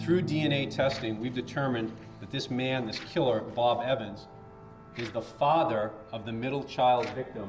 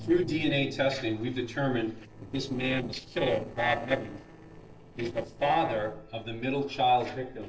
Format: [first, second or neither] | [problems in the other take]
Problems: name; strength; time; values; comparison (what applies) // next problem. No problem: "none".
first | noise reduction (neural separator model SepFormer DNS4)